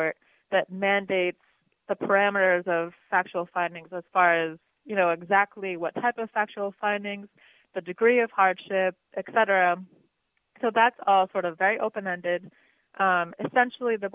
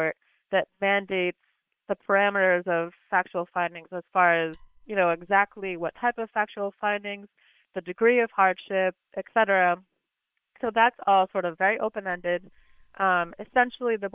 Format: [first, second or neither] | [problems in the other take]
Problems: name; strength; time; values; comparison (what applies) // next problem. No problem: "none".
first | noise reduction (neural separator model SepFormer WHAM!)